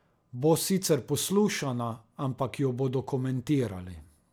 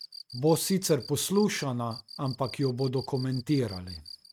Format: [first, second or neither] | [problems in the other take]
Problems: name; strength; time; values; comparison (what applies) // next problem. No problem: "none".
first | noise reduction (neural mask model RNNoise)